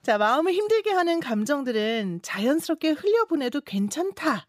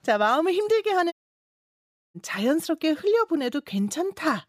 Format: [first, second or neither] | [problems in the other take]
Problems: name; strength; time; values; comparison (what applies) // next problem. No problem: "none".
first | audio cutting out; at 1 s for 1 s